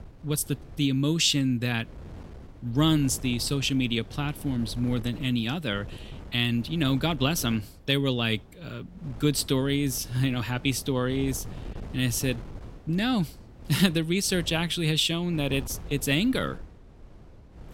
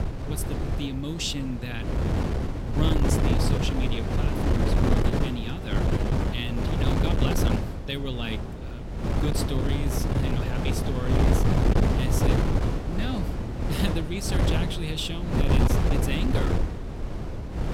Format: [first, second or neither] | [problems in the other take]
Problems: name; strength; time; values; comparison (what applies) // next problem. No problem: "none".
first | wind noise on the microphone; heavy; 2 dB above the speech; occasional gusts in the first